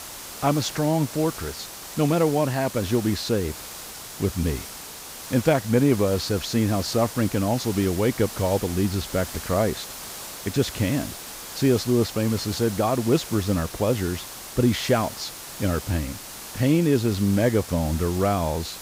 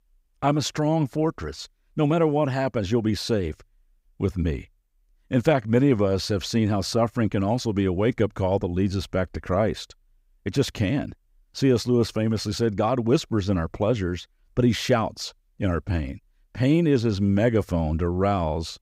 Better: second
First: hiss; noticeable; throughout; 10 dB below the speech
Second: none

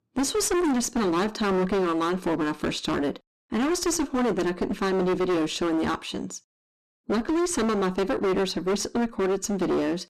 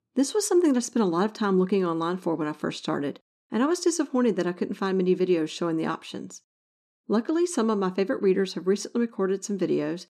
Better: second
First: distortion; heavy; 27% of the sound clipped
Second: none

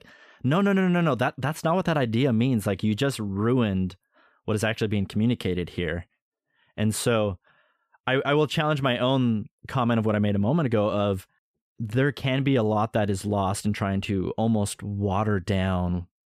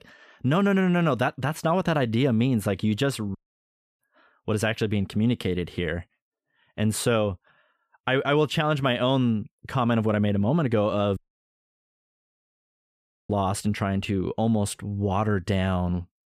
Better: first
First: none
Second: audio cutting out; at 3.5 s for 0.5 s and at 11 s for 2 s

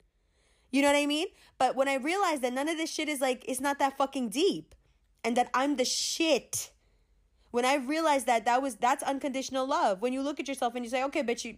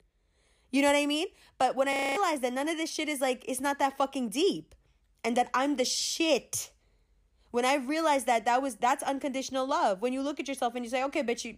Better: first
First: none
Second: audio freezing; at 2 s

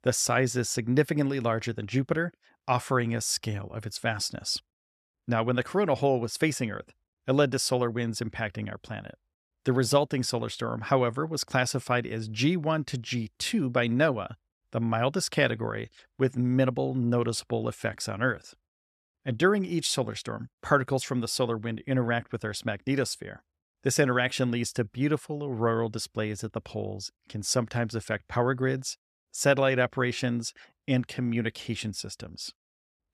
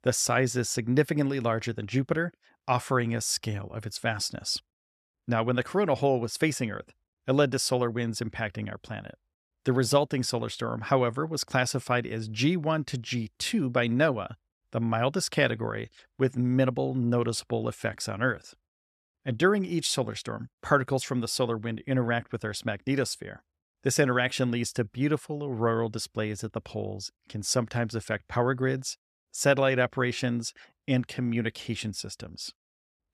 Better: neither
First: none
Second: none

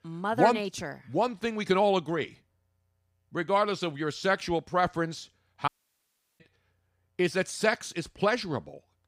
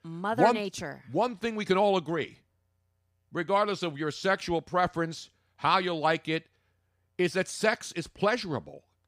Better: second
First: audio cutting out; at 5.5 s for 0.5 s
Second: none

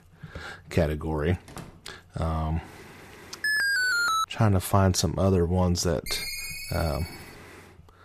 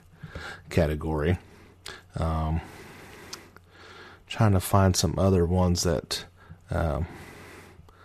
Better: second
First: door banging; faint; at 1.5 s; peak 15 dB below the speech // alarm; loud; at 3.5 s; peak 4 dB above the speech // phone ringing; noticeable; from 6 to 7 s; peak 5 dB below the speech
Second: none

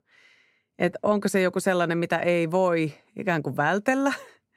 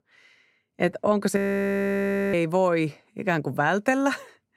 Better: first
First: none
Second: audio freezing; at 1.5 s for 1 s

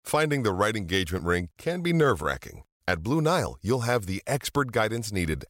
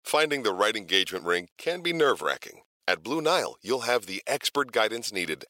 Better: first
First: none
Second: thin; somewhat; fading below 400 Hz

